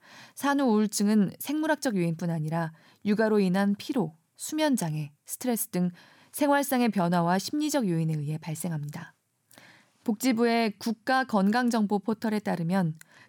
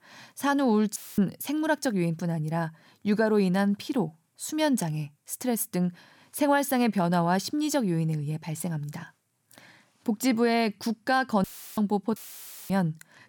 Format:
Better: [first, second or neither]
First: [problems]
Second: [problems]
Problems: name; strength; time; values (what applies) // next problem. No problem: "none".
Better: first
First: none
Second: audio cutting out; filled with static; at 1 s, at 11 s and at 12 s for 0.5 s